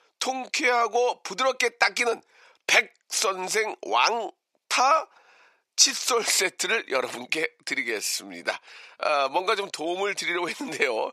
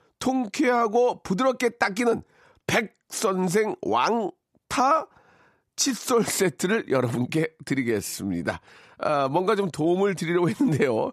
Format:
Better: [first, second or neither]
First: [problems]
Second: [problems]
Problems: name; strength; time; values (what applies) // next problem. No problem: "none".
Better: second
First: thin; very; fading below 600 Hz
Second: none